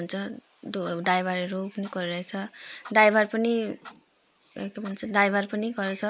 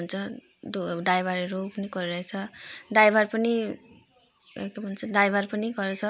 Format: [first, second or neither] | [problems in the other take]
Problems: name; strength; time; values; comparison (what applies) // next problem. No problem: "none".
second | noise reduction (neural mask model Resemble Enhance denoiser)